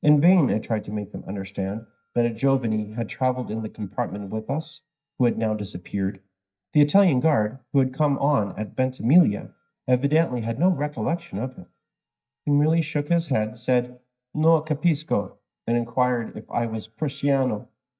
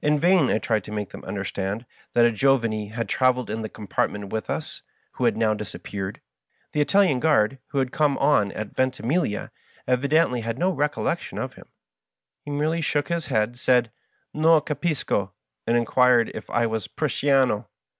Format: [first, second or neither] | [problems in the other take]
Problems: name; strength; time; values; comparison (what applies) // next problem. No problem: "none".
second | noise reduction (neural mask model DeepFilterNet 3)